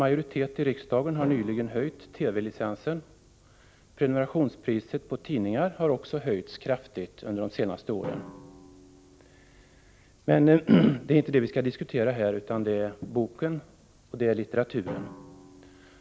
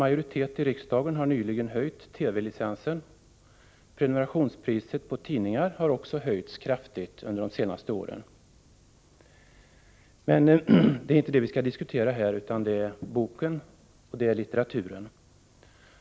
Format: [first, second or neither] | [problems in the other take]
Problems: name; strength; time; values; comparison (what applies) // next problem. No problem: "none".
second | background sound (Drum); 20 dB below the speech